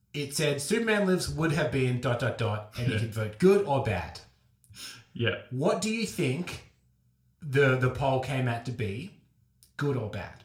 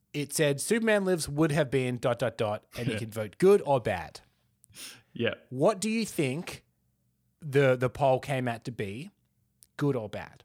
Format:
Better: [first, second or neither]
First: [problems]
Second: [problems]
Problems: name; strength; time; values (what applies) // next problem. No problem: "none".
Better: second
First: room echo; very slight; dies away in 0.3 s // off-mic speech; somewhat distant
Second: none